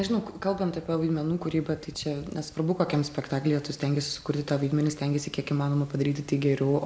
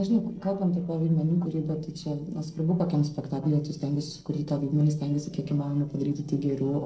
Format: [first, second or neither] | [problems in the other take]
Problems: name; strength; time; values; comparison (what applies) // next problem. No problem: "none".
first | noise reduction (neural separator model SepFormer DNS4)